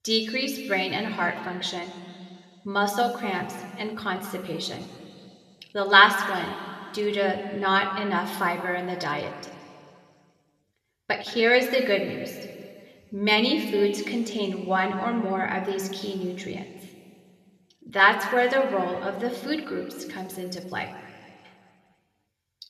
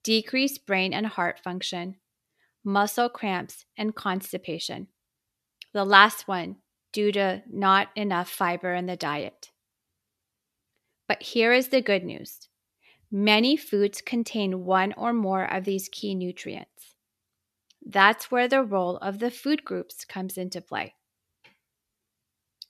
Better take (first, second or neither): second